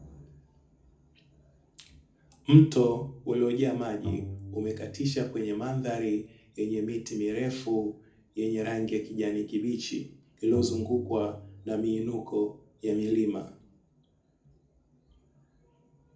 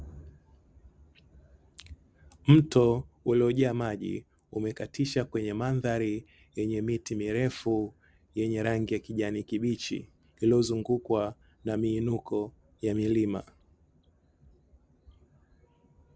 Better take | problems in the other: second | background sound (Bowed string instrument); 13 dB below the speech // room echo; dies away in 0.3 s

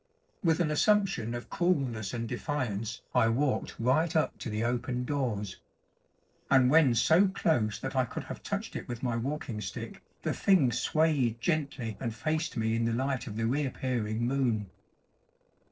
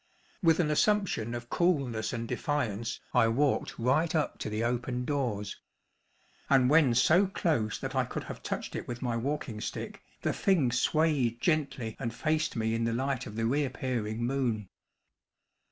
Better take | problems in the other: second | noise reduction (neural separator model SepFormer DNS4)

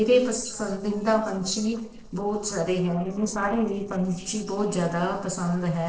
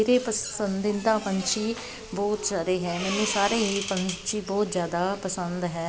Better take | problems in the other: second | noise reduction (neural separator model SepFormer DNS4)

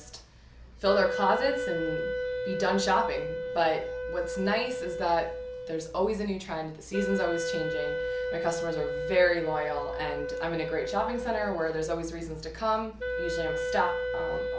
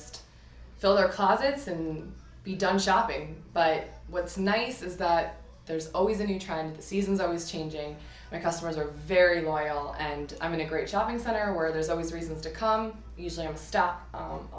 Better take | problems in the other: second | background sound (Wind instrument, woodwind instrument); 3 dB below the speech

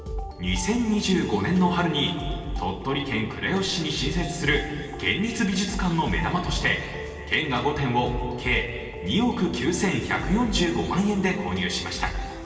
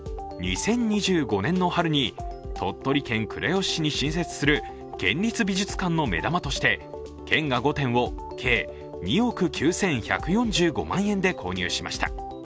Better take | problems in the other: second | room echo; dies away in 2.6 s

